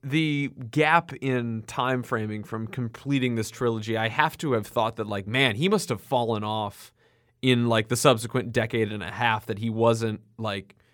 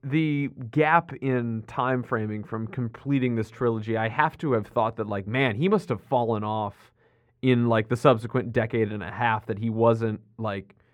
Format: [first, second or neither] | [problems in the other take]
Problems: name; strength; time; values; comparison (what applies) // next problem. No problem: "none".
first | muffled; very; fading above 3 kHz